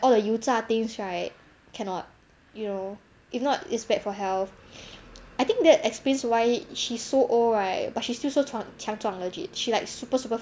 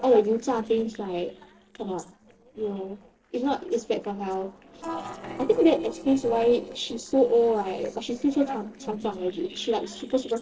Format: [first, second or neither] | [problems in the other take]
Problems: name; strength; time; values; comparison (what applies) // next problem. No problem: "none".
first | noise reduction (neural separator model SepFormer DNS4)